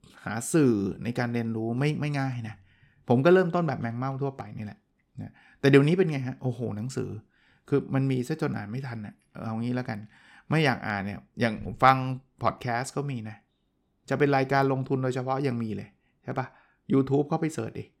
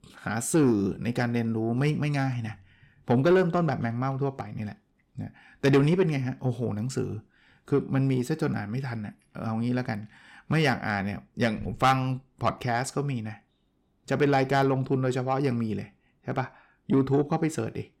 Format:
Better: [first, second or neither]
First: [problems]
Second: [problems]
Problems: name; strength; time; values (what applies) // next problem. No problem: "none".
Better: first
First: none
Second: distortion; slight; 10 dB below the speech